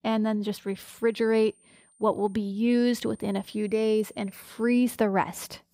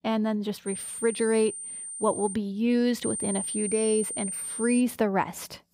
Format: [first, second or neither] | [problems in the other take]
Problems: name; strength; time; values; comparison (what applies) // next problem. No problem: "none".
first | high-pitched whine; loud; from 0.5 to 2.5 s and from 3 to 5 s; 9 kHz, 5 dB below the speech; faint in the first